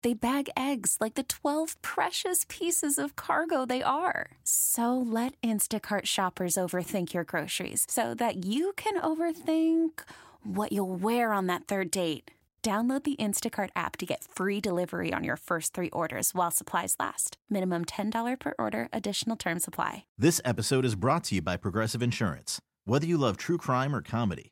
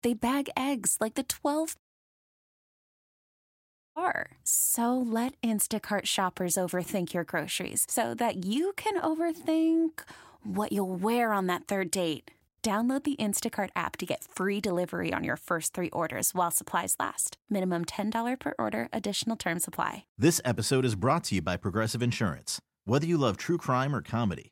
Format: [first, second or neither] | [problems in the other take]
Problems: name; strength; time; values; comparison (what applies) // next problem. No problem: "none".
first | audio cutting out; at 2 s for 2 s